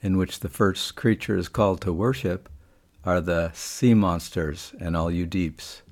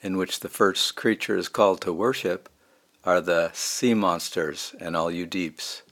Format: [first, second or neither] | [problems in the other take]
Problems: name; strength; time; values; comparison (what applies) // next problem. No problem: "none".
first | thin; somewhat; fading below 350 Hz